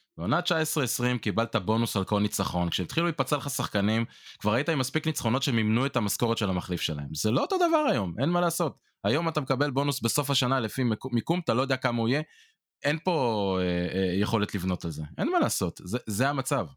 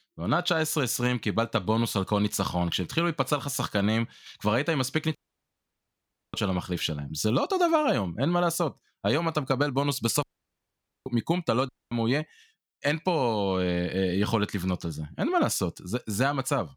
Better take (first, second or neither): first